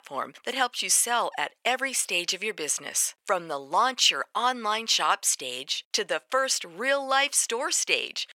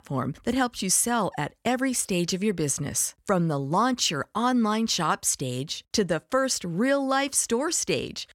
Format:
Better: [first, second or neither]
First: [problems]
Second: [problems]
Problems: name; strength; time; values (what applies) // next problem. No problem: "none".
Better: second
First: thin; very; fading below 650 Hz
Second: none